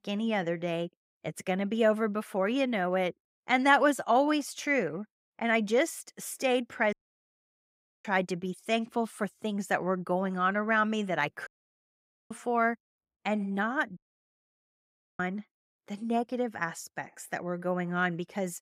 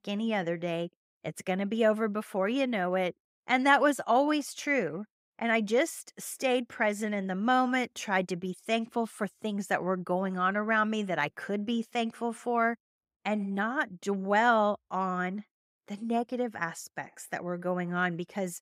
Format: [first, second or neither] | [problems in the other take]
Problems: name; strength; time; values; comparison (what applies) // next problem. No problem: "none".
second | audio cutting out; at 7 s for 1 s, at 11 s for 1 s and at 14 s for 1 s